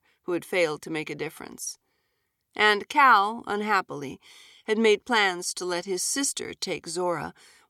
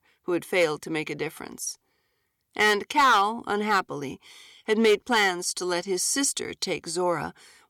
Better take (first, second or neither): first